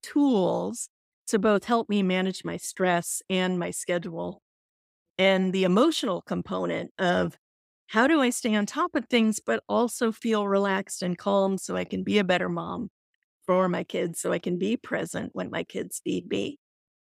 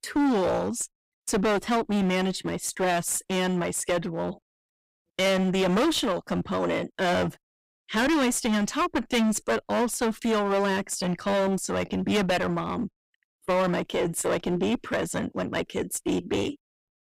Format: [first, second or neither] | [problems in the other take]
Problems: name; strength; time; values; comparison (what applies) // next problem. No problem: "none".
first | distortion; heavy; 16% of the sound clipped